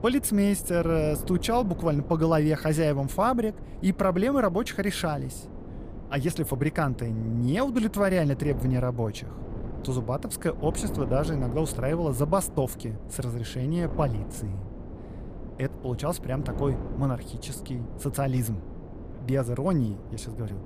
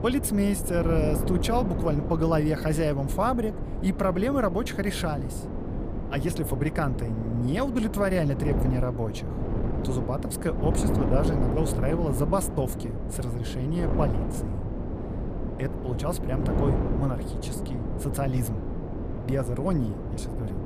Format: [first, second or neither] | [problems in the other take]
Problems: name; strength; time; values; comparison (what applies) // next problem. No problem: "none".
first | wind noise on the microphone; heavy; 6 dB below the speech; occasional gusts in the first